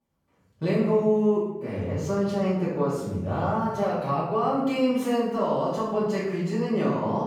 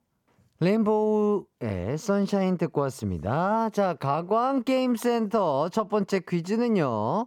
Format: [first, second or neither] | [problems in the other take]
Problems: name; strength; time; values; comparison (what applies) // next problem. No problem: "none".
second | room echo; noticeable; dies away in 0.9 s // off-mic speech; far